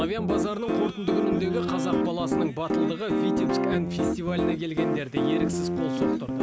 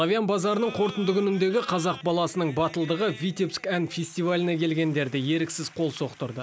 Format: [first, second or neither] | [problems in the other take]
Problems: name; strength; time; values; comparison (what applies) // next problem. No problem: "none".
second | background sound (Piano); 5 dB above the speech